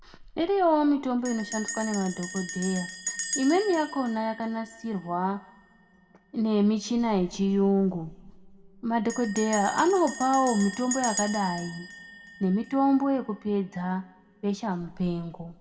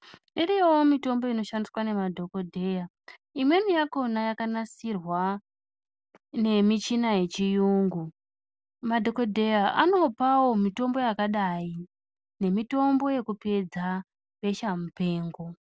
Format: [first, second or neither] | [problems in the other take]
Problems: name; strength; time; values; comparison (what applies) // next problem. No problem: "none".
second | background sound (Bell); 13 dB below the speech // room echo; dies away in 1.3 s